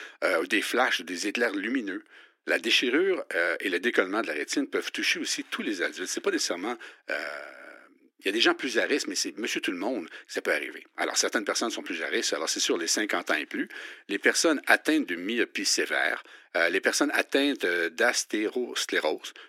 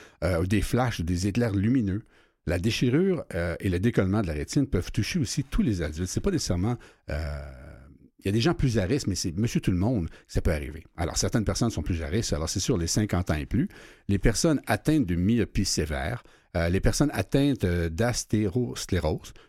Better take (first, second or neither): second